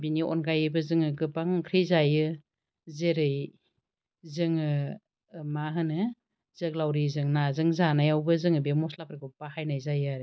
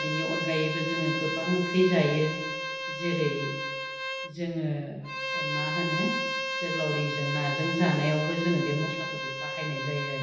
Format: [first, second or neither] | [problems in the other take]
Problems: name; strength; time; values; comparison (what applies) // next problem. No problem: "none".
first | background sound (Bowed string instrument); 3 dB below the speech // room echo; dies away in 0.9 s